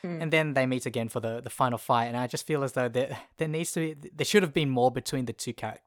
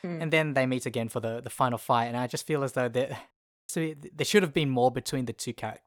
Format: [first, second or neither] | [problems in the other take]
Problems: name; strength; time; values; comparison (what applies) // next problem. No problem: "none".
first | audio cutting out; at 3.5 s